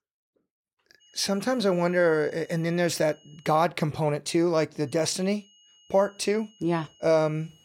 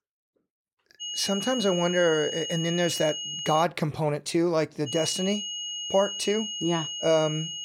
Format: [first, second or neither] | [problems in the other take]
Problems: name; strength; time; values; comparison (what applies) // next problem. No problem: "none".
first | high-pitched whine; loud; from 1 to 3.5 s and from 5 s on; 3 kHz, 5 dB below the speech; faint in the first